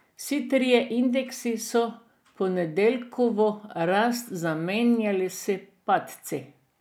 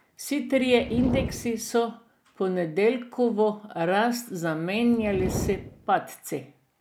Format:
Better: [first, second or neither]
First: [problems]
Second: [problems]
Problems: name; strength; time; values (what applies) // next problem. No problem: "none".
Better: first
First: none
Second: background sound (Fire); 9 dB below the speech